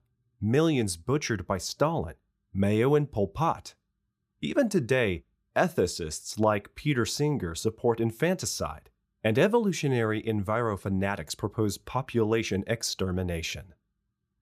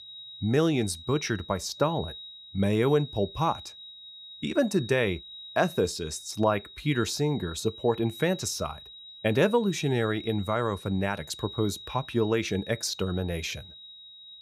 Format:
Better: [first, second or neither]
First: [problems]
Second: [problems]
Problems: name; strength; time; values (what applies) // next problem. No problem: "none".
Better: first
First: none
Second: high-pitched whine; noticeable; throughout; 4 kHz, 15 dB below the speech